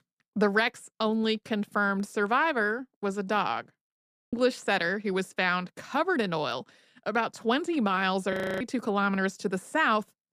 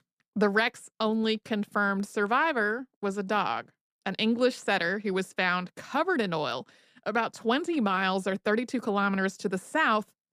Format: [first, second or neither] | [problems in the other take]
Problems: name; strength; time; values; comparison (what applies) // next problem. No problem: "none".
second | audio freezing; at 4 s and at 8.5 s